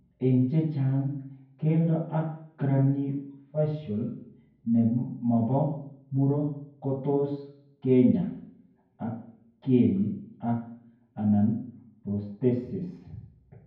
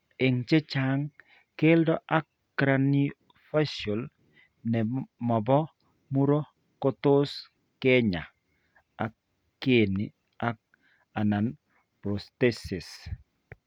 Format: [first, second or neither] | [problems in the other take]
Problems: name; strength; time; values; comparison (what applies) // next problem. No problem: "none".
second | room echo; dies away in 0.9 s